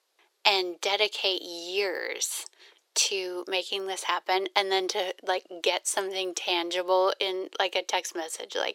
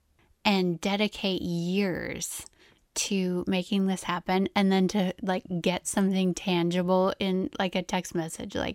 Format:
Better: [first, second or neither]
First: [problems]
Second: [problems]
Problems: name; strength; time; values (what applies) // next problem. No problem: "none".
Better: second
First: thin; very; fading below 400 Hz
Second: none